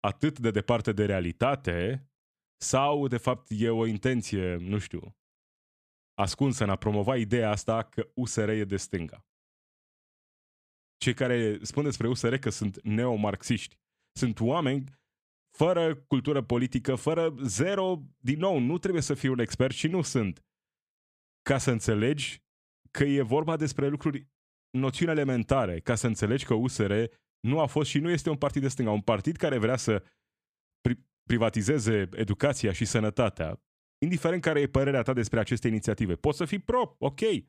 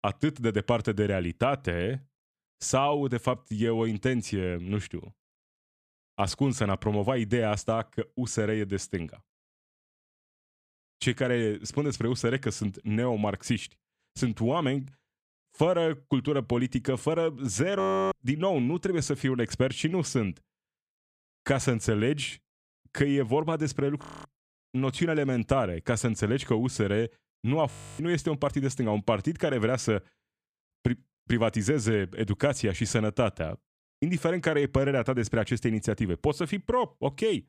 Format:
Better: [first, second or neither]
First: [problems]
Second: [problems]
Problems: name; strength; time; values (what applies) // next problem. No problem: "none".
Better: first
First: none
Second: audio freezing; at 18 s, at 24 s and at 28 s